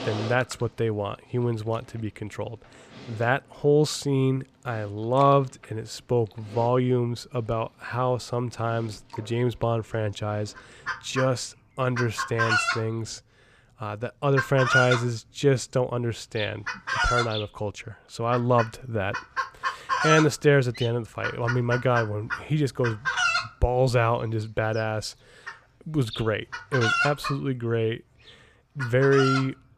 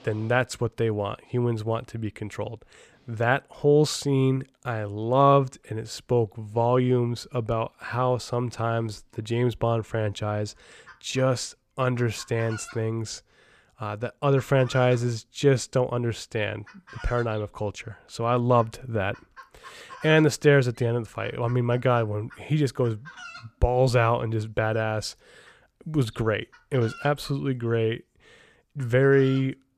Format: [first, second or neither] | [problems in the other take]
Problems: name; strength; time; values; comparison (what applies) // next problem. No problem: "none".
second | animal sounds; loud; throughout; 3 dB below the speech; faint in the second